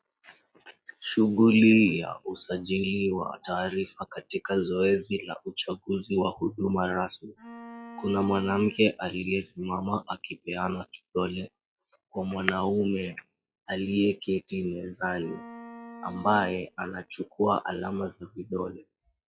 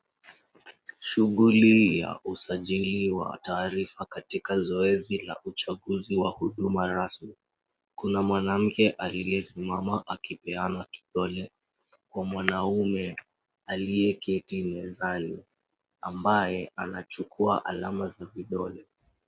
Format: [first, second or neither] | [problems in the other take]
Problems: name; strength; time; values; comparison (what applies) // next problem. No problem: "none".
second | noise reduction (classical method log-MMSE)